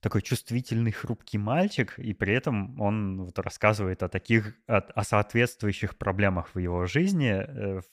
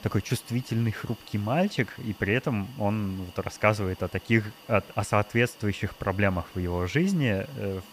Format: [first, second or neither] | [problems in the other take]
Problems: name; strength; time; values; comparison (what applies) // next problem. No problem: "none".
first | hiss; faint; throughout; 20 dB below the speech